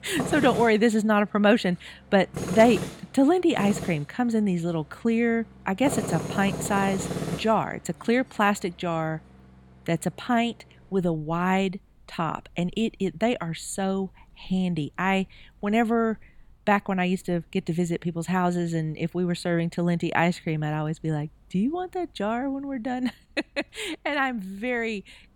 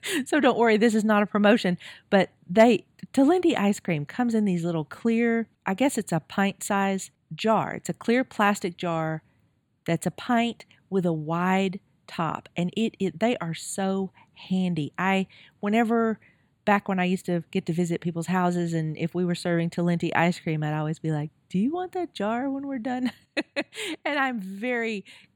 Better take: second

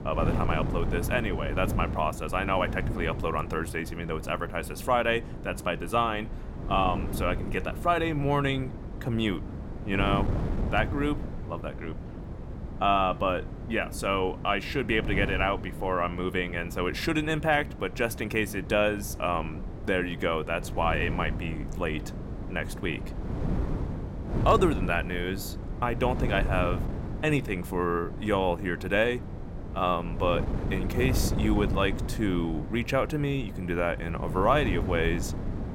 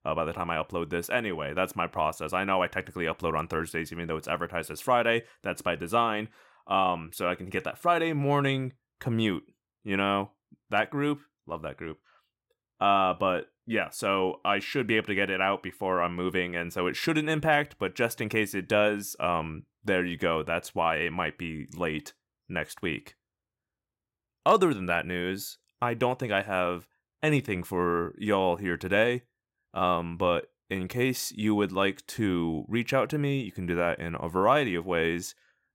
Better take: second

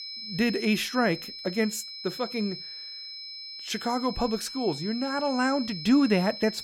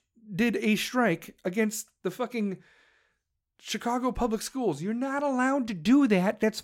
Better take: second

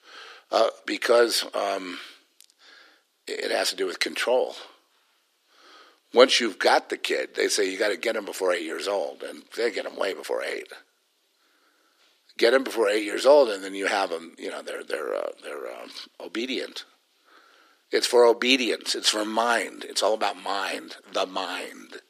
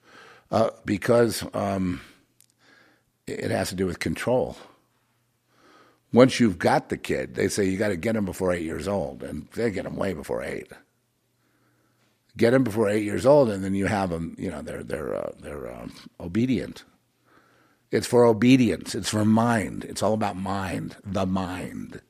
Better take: second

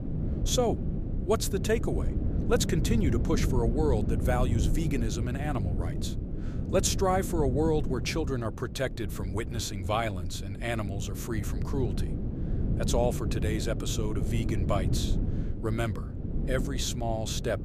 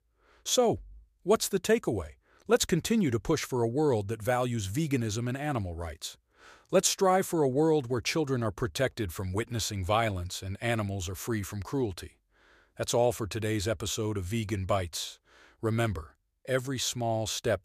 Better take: second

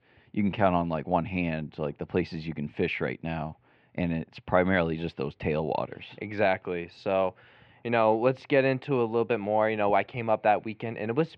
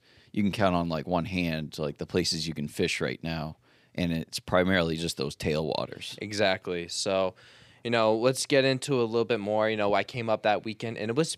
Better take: second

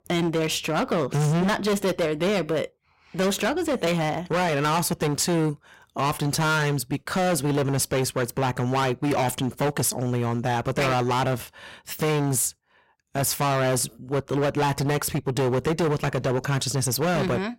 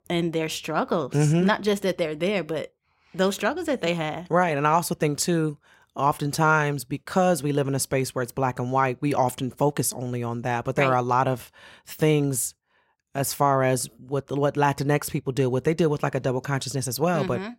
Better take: second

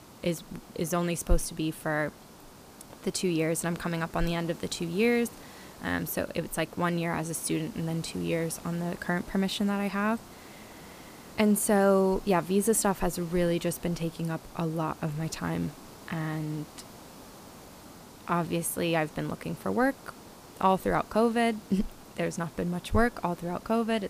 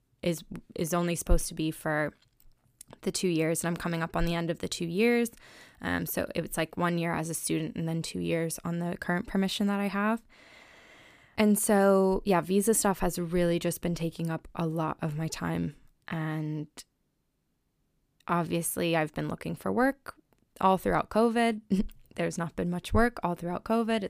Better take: second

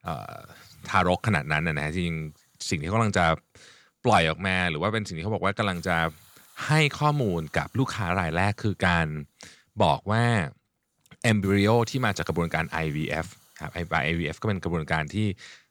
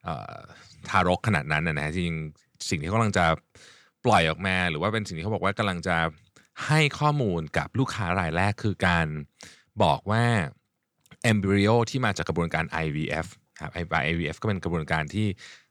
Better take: second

